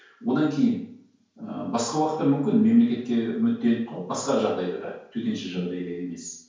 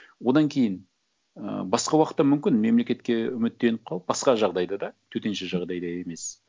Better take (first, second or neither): second